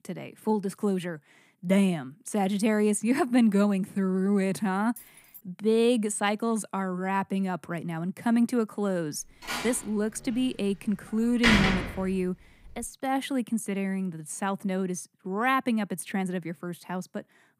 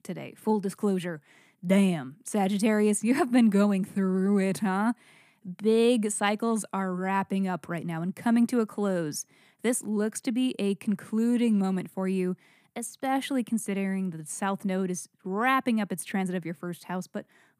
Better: second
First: jangling keys; faint; at 5 s; peak 20 dB below the speech // door banging; loud; from 9.5 to 12 s; peak 6 dB above the speech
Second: none

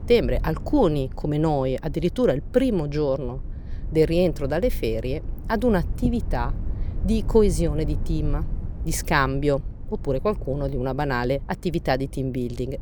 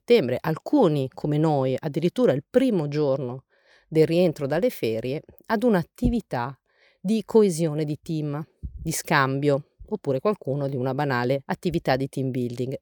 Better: second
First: low rumble; faint; throughout; 20 dB below the speech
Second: none

